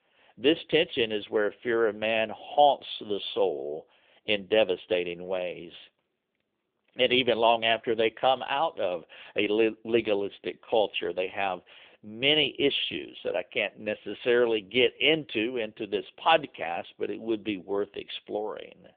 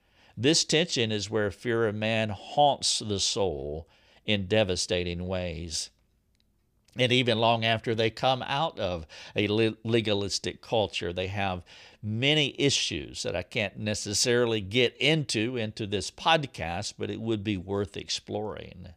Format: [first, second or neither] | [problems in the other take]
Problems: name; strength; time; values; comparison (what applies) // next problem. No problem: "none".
second | phone-call audio; nothing above 3.5 kHz